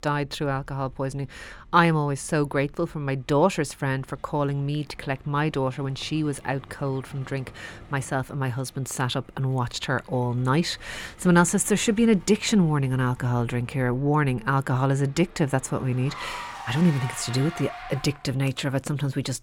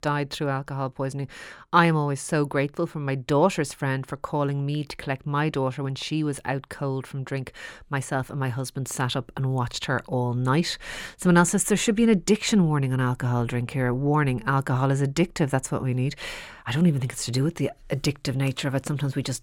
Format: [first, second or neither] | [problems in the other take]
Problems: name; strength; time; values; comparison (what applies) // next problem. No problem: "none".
second | traffic noise; noticeable; throughout; 20 dB below the speech